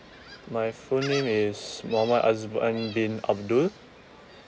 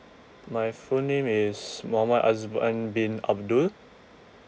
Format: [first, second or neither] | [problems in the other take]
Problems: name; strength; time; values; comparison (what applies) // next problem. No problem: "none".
second | background sound (Gull, seagull); 17 dB below the speech